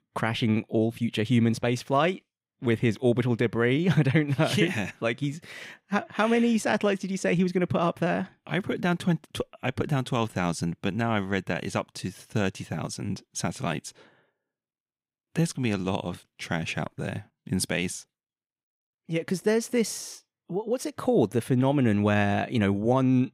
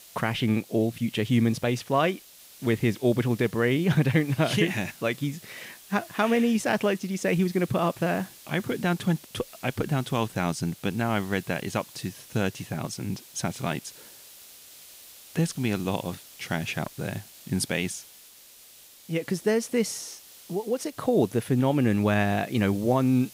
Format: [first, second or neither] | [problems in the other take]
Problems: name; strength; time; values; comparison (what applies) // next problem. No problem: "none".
first | hiss; noticeable; throughout; 20 dB below the speech